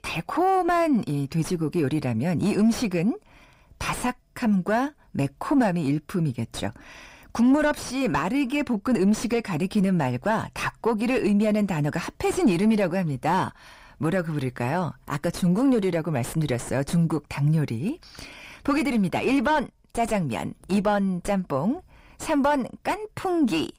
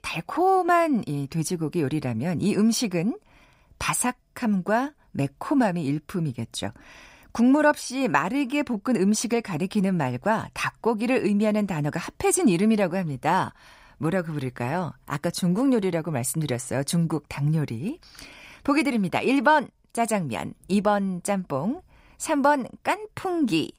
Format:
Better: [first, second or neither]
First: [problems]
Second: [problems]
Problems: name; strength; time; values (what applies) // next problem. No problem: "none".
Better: second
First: distortion; slight; 8 dB below the speech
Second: none